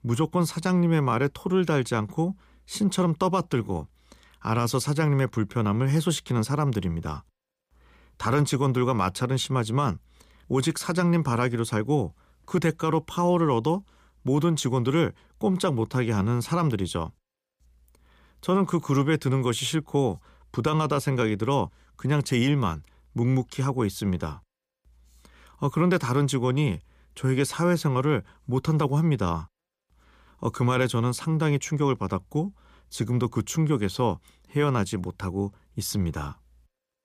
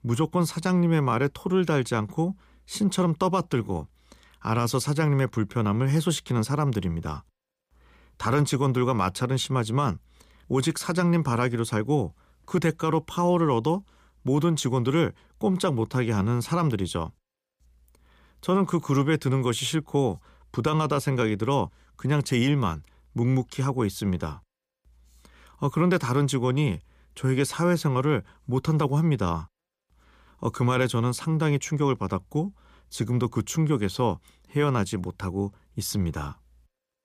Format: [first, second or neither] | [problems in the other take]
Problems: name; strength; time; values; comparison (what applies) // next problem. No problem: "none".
neither | none